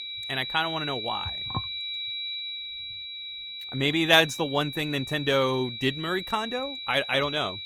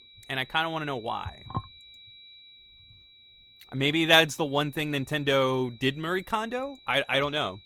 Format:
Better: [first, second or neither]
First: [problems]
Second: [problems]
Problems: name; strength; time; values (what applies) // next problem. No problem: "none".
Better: second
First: high-pitched whine; loud; throughout; 4 kHz, 7 dB below the speech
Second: high-pitched whine; faint; throughout; 4 kHz, 25 dB below the speech